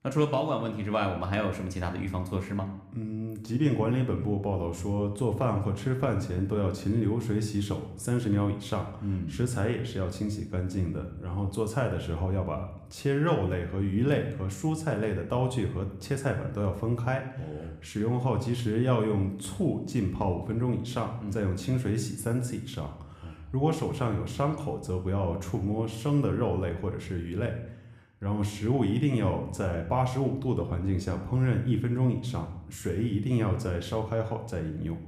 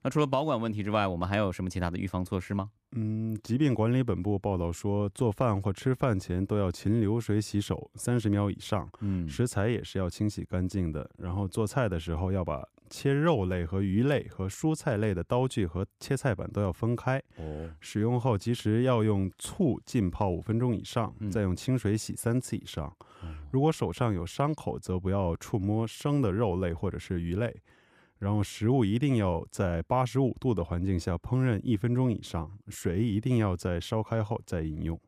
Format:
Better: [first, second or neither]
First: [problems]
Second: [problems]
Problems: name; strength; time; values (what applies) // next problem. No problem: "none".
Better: second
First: room echo; slight; dies away in 0.6 s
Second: none